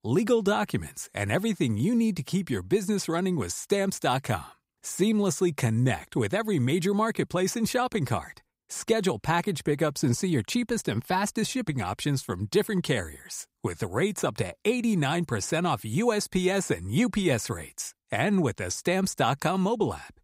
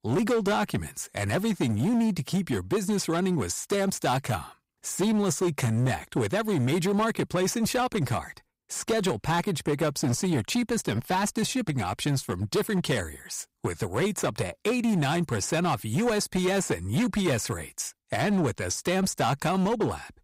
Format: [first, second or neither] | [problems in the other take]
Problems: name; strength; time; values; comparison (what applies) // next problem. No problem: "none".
first | distortion; slight; 13% of the sound clipped